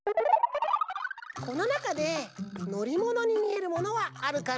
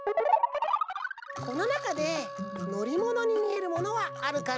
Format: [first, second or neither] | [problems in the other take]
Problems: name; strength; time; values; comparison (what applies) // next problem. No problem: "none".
first | background sound (Wind instrument, woodwind instrument); 12 dB below the speech